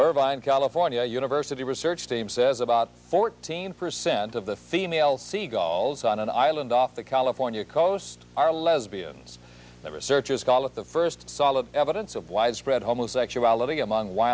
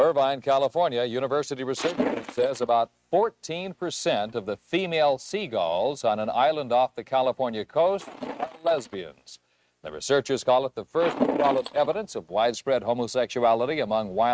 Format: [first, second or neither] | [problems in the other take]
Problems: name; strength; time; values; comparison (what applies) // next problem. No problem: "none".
first | noise reduction (neural mask model RNNoise)